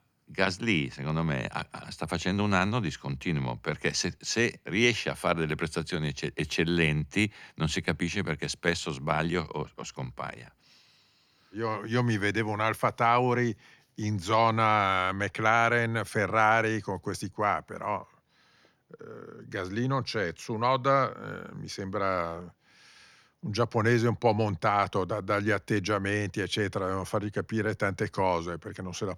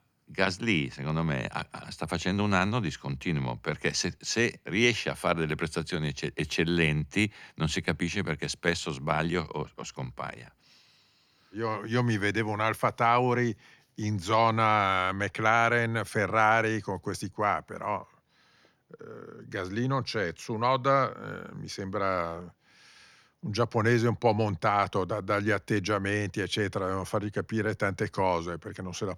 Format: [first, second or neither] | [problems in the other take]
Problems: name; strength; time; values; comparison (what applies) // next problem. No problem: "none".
neither | none